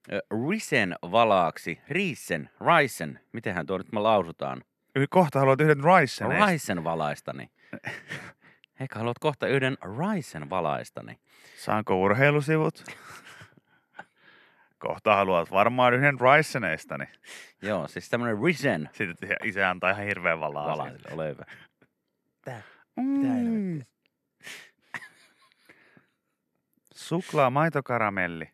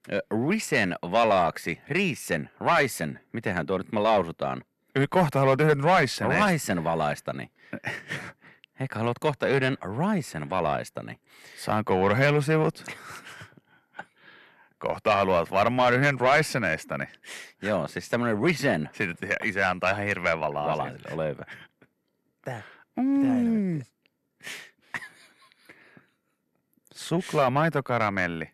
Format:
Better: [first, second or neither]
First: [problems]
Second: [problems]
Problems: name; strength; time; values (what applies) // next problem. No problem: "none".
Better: first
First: none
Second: distortion; slight; 10 dB below the speech